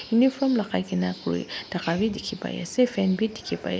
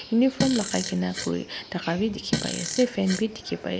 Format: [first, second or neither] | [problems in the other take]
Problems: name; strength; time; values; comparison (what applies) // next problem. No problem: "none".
first | background sound (Fart); 6 dB below the speech